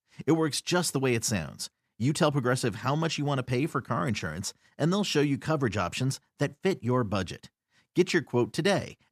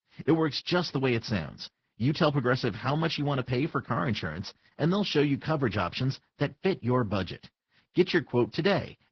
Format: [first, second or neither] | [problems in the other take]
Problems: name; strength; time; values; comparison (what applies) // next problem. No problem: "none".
first | garbled, watery; badly; nothing above 5.5 kHz